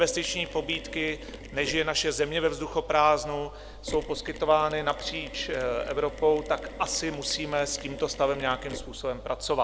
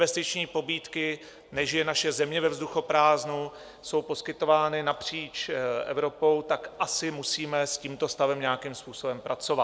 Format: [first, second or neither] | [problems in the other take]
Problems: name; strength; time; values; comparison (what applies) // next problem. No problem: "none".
second | background sound (Mechanisms); 13 dB below the speech